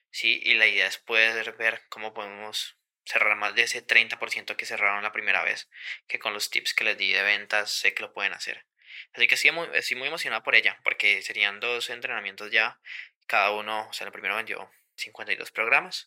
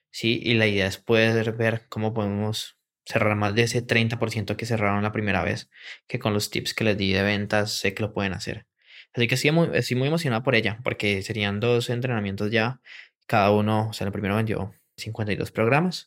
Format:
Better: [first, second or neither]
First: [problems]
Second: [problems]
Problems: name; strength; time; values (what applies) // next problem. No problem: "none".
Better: second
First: thin; very; fading below 750 Hz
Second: none